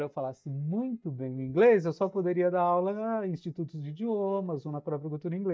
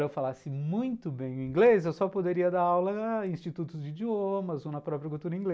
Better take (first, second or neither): second